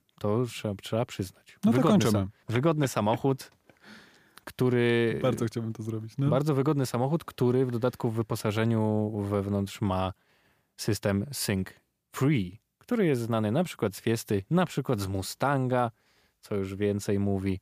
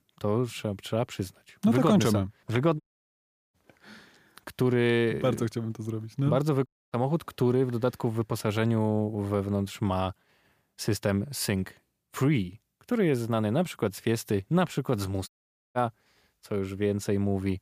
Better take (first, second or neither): first